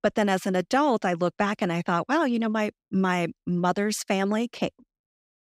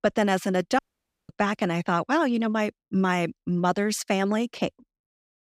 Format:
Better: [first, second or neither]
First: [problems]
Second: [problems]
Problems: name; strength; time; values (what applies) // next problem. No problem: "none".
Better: first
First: none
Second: audio cutting out; at 1 s for 0.5 s